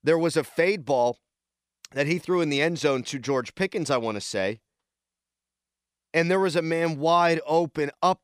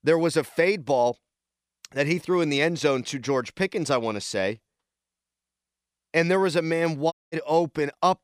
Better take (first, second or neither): first